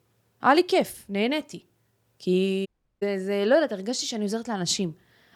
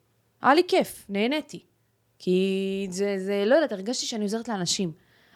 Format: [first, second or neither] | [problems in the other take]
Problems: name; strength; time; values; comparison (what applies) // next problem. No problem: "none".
second | audio cutting out; at 2.5 s